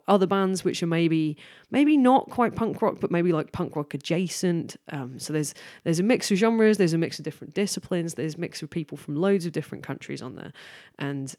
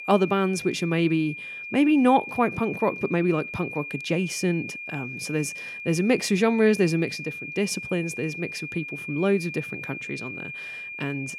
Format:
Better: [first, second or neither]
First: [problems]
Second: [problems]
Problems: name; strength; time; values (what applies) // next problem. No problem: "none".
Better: first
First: none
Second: high-pitched whine; loud; throughout; 2.5 kHz, 9 dB below the speech